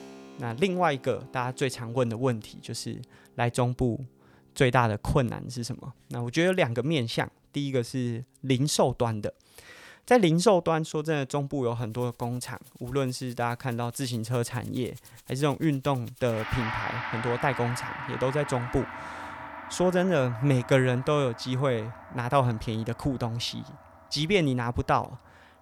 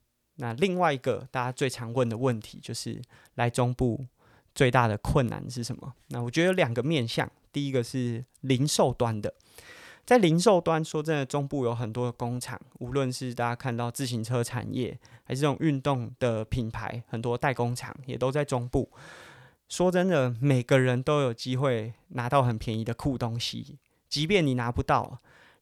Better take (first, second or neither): second